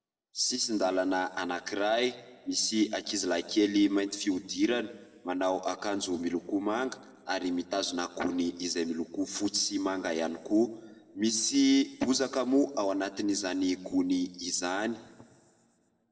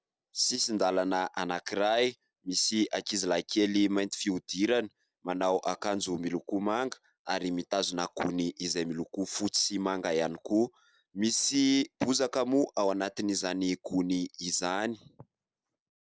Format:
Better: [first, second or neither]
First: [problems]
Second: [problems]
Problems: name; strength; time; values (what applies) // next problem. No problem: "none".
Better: second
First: room echo; dies away in 1 s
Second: none